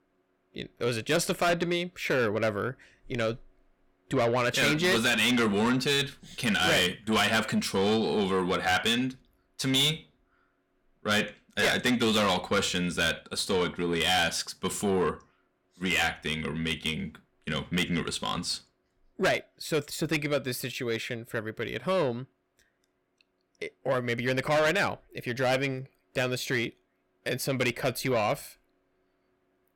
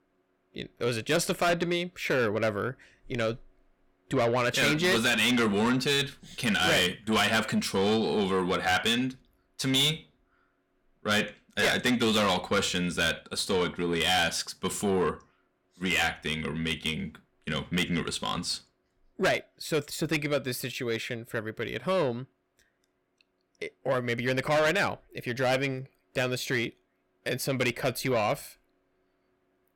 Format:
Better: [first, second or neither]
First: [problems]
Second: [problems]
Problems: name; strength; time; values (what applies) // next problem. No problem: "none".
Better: neither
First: distortion; heavy; 6 dB below the speech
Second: distortion; heavy; 6 dB below the speech